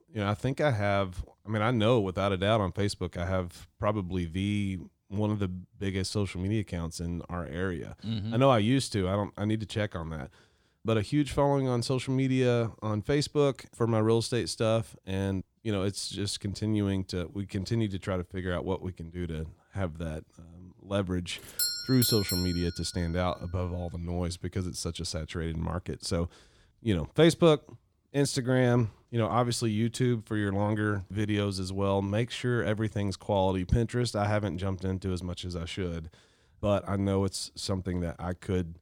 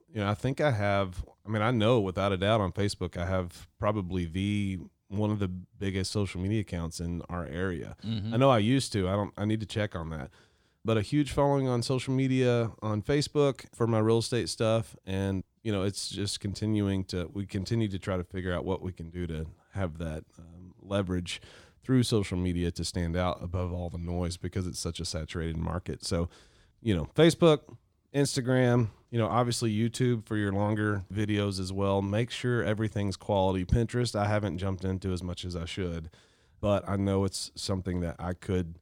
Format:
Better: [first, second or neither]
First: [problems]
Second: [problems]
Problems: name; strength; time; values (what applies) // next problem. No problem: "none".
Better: second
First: doorbell; loud; from 22 to 23 s; peak 2 dB above the speech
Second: none